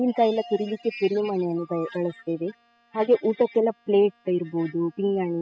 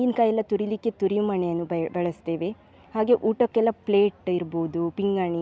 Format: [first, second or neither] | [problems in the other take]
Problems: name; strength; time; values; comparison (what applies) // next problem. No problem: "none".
second | noise reduction (classical method spectral subtraction)